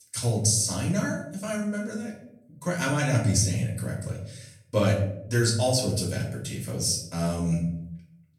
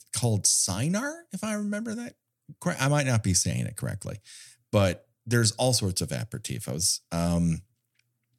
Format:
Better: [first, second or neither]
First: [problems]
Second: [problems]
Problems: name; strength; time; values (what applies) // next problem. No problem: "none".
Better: second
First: room echo; noticeable; dies away in 0.7 s // off-mic speech; far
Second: none